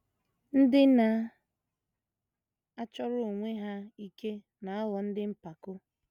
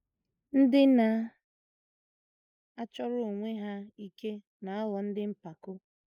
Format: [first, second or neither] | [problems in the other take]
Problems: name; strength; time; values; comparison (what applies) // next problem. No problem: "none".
first | noise reduction (neural mask model Resemble Enhance denoiser)